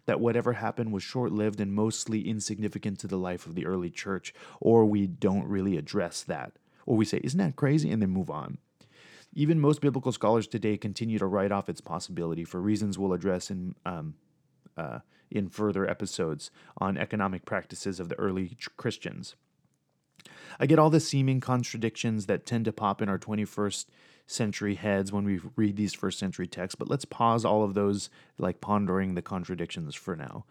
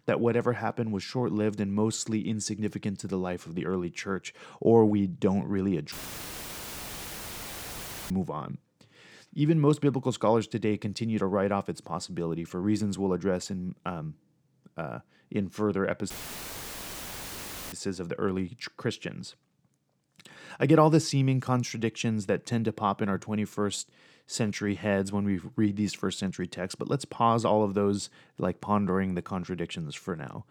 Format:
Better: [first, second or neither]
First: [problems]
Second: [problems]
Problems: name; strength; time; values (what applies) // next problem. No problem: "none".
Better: first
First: none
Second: audio cutting out; filled with static; at 6 s for 2 s and at 16 s for 1.5 s